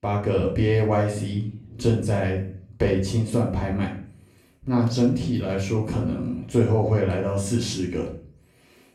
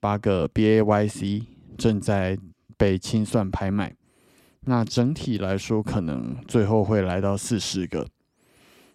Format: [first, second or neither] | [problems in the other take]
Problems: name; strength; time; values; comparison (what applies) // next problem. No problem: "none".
second | room echo; slight; dies away in 0.5 s // off-mic speech; far